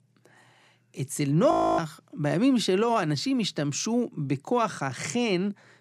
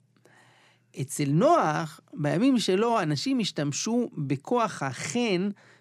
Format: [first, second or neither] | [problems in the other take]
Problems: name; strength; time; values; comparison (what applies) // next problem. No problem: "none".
second | audio freezing; at 1.5 s